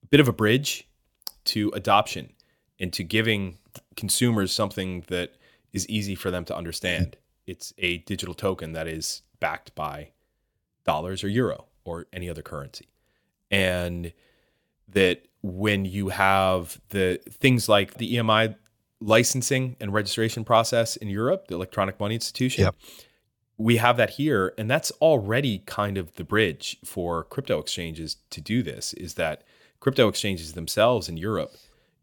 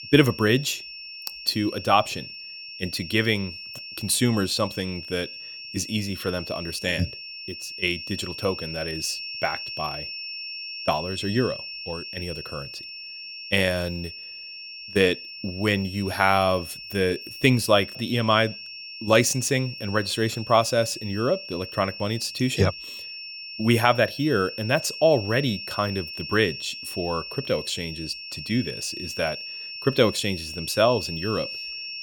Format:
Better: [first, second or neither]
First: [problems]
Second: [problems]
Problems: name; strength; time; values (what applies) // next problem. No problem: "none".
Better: first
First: none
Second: high-pitched whine; loud; throughout; 5.5 kHz, 10 dB below the speech